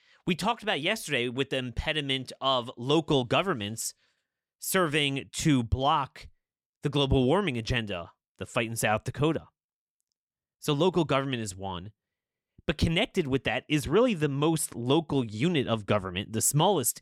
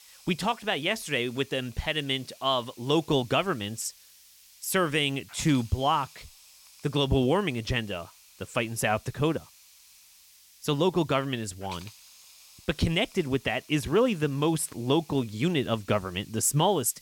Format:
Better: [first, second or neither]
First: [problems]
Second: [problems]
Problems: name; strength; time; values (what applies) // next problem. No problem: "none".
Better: first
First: none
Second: hiss; faint; throughout; 25 dB below the speech